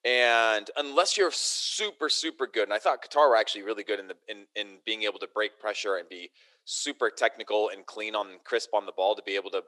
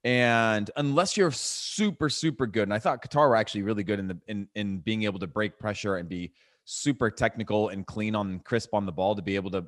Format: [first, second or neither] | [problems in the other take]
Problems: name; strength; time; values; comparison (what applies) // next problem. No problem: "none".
second | thin; very; fading below 350 Hz